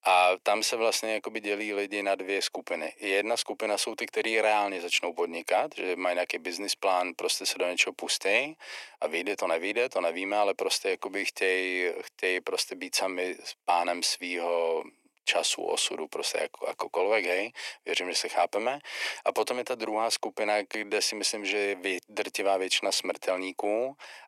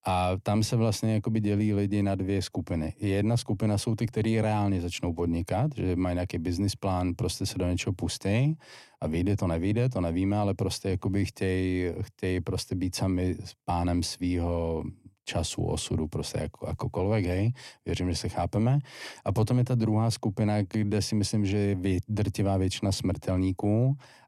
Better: second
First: thin; very; fading below 450 Hz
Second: none

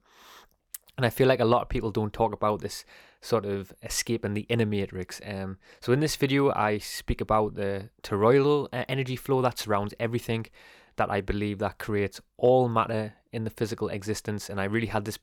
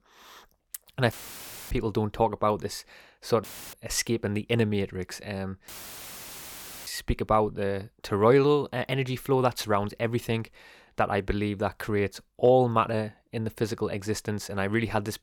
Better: first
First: none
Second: audio cutting out; filled with static; at 1 s for 0.5 s, at 3.5 s and at 5.5 s for 1 s

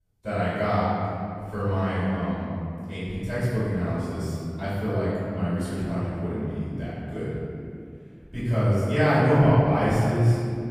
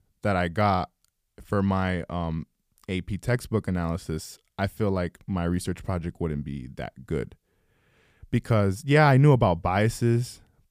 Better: second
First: off-mic speech; far // room echo; strong; dies away in 2.3 s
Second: none

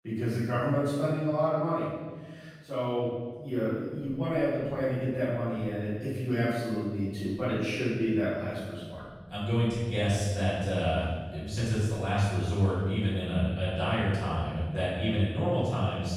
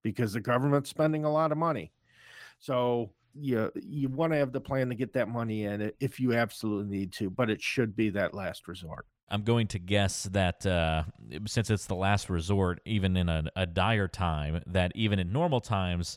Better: second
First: room echo; strong; dies away in 1.4 s // off-mic speech; far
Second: none

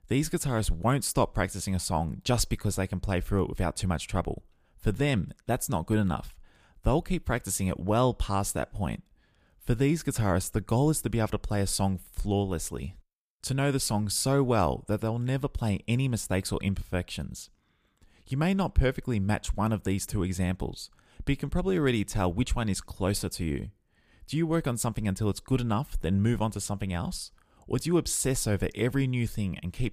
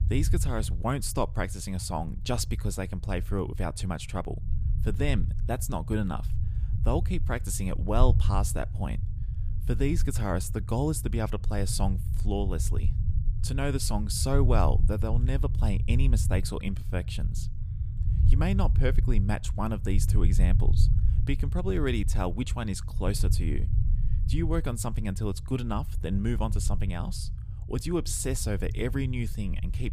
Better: first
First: none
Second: low rumble; noticeable; throughout; 15 dB below the speech

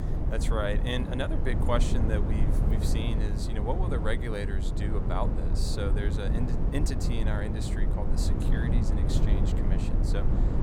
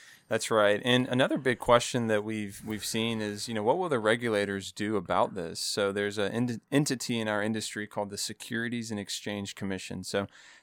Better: second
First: low rumble; loud; throughout; 3 dB below the speech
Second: none

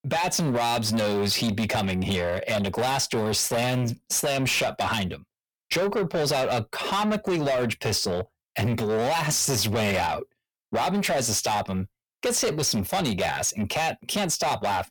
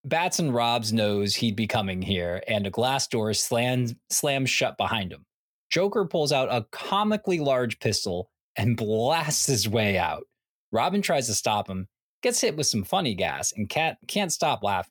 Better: second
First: distortion; heavy; 8 dB below the speech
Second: none

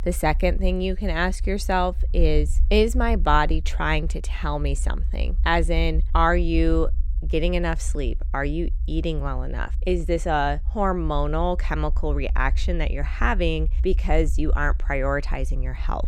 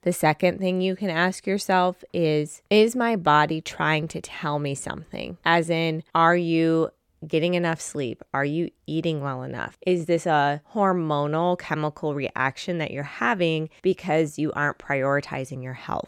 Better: second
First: low rumble; faint; throughout; 25 dB below the speech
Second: none

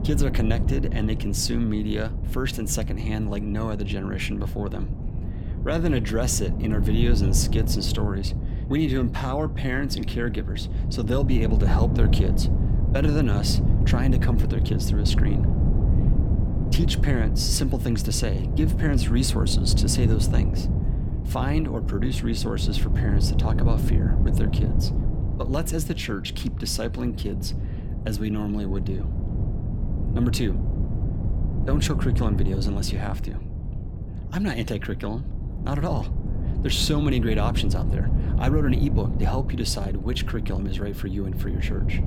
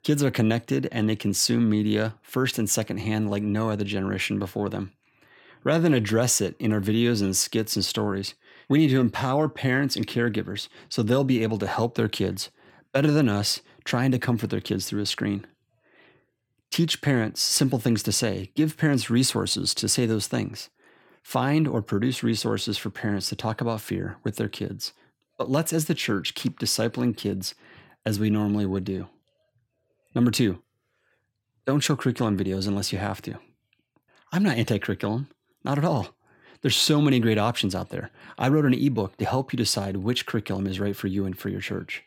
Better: second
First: wind noise on the microphone; heavy; 7 dB below the speech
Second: none

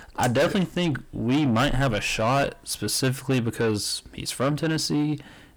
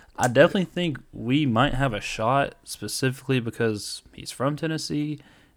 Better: second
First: distortion; heavy; 6 dB below the speech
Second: none

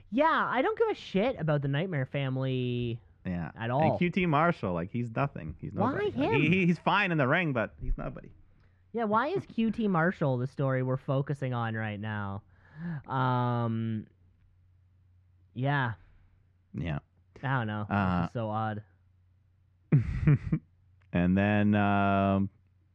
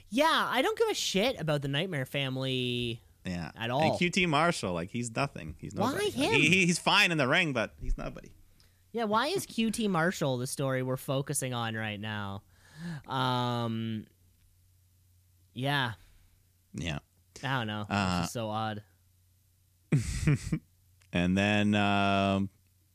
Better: second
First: muffled; very; fading above 1.5 kHz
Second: none

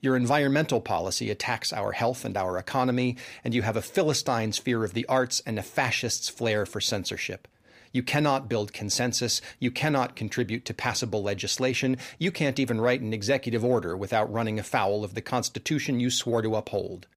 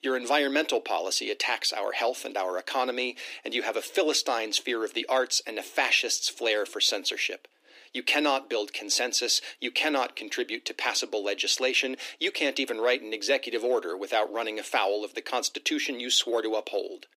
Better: first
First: none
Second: thin; somewhat; fading below 300 Hz

